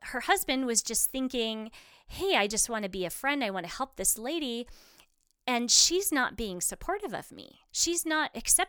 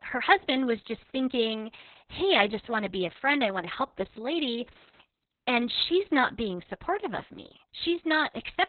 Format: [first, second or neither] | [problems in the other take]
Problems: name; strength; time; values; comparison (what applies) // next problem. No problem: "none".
first | garbled, watery; badly; nothing above 4 kHz